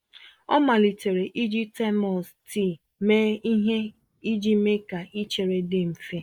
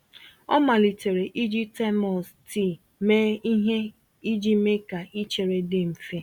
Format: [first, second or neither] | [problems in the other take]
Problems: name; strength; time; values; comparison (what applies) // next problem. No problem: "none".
second | noise reduction (neural mask model Resemble Enhance denoiser)